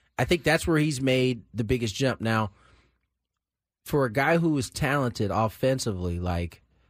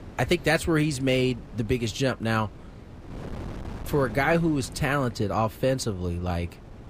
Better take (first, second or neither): first